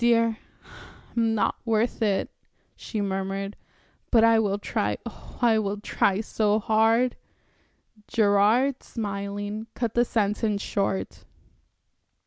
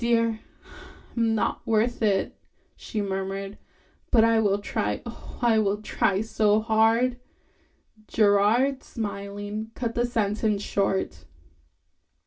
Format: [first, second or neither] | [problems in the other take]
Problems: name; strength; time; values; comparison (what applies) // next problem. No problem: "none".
first | room echo; dies away in 0.2 s